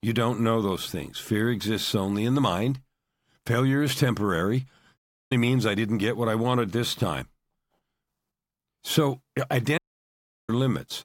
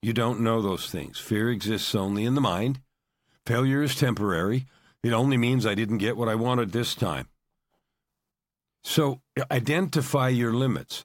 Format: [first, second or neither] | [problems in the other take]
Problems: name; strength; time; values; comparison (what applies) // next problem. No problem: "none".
second | audio cutting out; at 5 s and at 10 s for 0.5 s